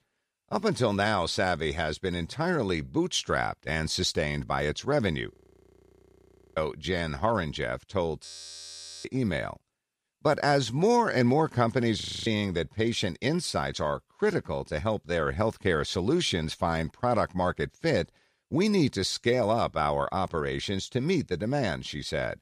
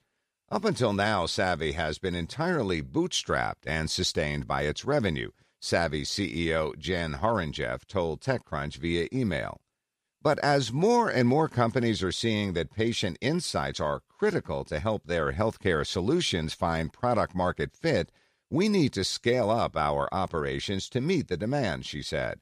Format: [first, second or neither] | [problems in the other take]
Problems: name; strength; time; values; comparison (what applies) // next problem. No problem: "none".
second | audio freezing; at 5.5 s for 1 s, at 8.5 s for 1 s and at 12 s